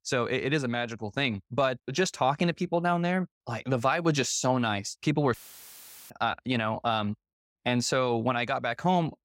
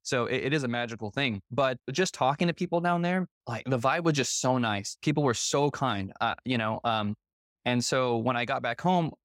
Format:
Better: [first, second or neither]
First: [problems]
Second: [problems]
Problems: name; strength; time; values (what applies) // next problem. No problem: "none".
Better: second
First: audio cutting out; filled with static; at 5.5 s for 1 s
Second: none